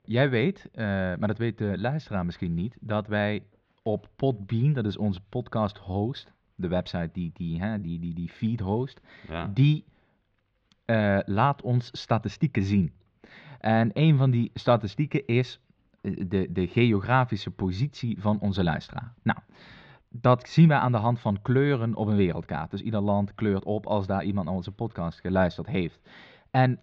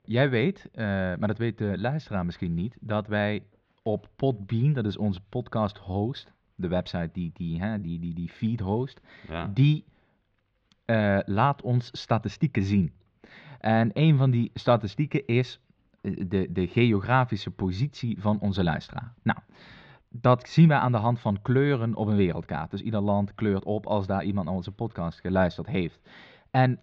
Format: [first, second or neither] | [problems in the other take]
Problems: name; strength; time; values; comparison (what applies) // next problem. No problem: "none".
neither | muffled; slightly; fading above 3.5 kHz; the same in both